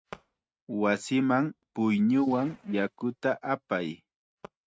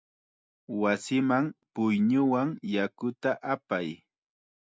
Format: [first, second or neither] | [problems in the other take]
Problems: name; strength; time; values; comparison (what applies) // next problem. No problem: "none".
second | noise reduction (neural mask model RNNoise)